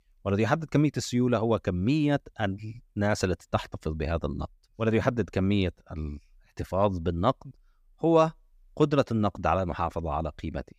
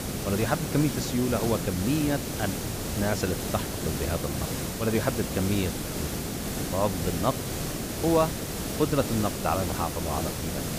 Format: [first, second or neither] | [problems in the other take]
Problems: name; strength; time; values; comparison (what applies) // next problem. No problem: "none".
first | hiss; loud; throughout; 2 dB below the speech